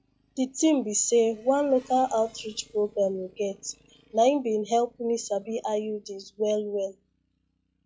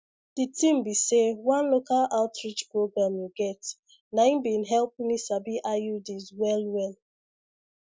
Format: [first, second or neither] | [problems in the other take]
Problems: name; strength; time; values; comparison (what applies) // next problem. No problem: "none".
second | noise reduction (classical method log-MMSE)